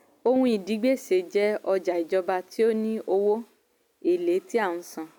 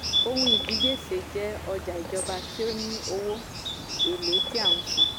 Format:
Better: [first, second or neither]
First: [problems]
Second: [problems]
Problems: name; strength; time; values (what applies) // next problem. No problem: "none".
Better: first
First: none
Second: background sound (Bird); 4 dB above the speech